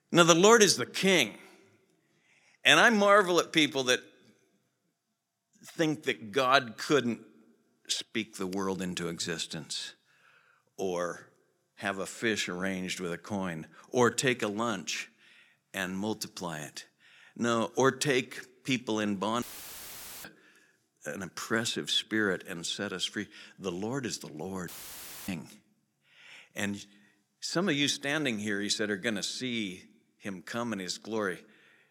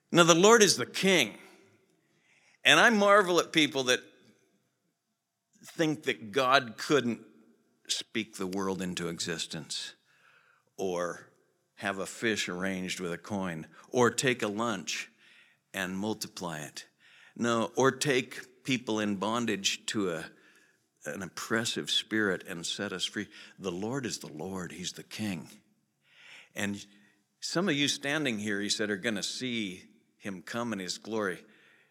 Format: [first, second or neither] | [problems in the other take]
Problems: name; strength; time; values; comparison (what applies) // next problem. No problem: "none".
second | audio cutting out; filled with static; at 19 s for 1 s and at 25 s for 0.5 s